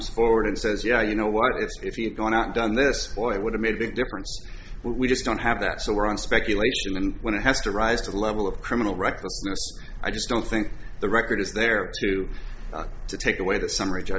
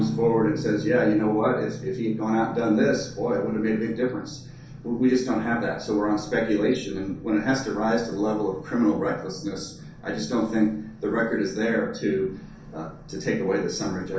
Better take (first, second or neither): first